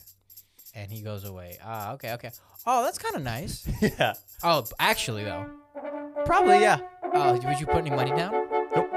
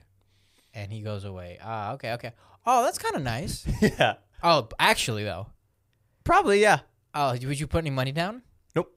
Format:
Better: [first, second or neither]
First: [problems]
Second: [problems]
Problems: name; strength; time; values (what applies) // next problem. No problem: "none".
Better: second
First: background music; very loud; throughout; as loud as the speech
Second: none